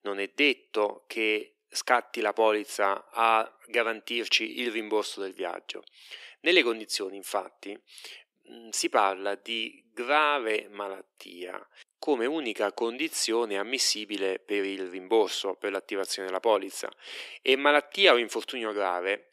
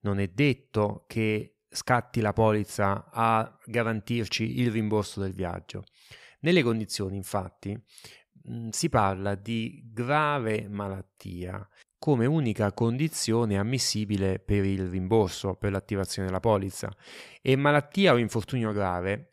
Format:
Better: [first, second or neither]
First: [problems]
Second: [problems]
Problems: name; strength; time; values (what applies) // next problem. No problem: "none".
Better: second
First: thin; somewhat; fading below 300 Hz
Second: none